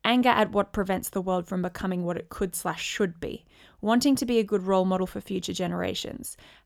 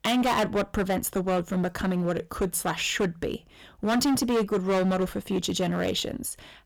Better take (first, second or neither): first